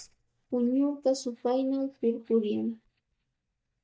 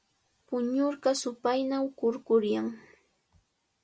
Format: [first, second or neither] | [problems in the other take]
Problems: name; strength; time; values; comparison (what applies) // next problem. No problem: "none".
second | noise reduction (neural mask model DeepFilterNet 3)